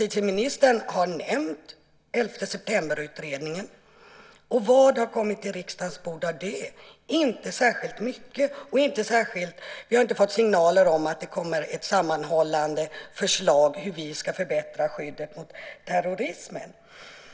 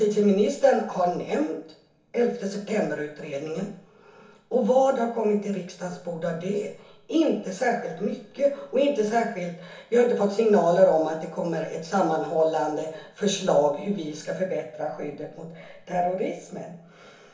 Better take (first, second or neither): first